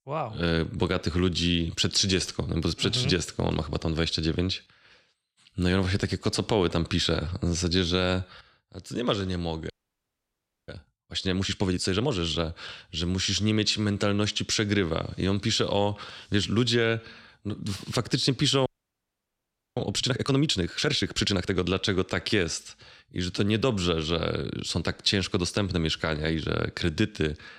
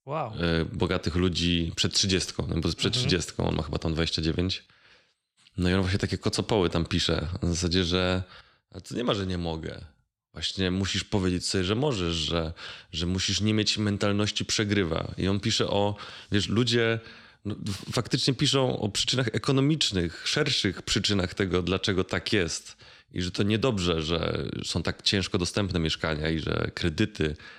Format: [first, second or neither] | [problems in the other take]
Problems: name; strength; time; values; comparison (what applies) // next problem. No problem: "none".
second | audio freezing; at 9.5 s for 1 s and at 19 s for 1 s